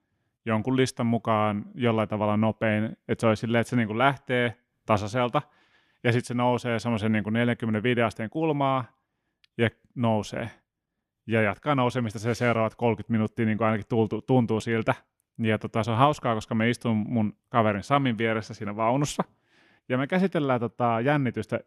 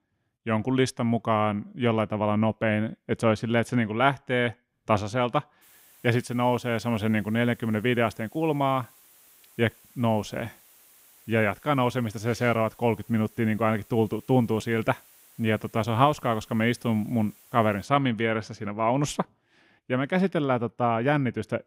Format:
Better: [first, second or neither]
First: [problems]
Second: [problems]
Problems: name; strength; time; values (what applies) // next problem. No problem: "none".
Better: first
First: none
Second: hiss; faint; from 5.5 to 18 s; 25 dB below the speech